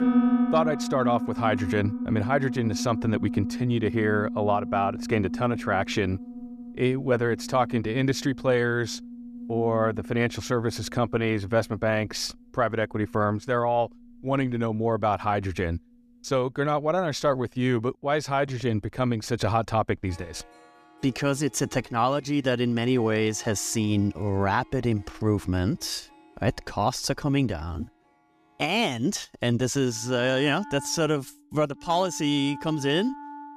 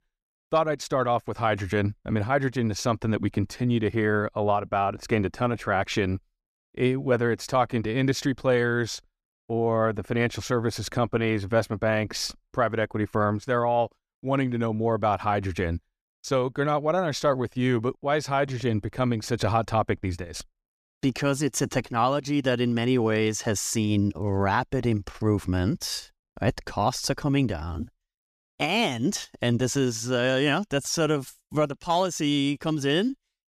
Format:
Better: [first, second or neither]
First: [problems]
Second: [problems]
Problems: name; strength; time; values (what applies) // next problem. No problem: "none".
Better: second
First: background music; loud; throughout; 7 dB below the speech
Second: none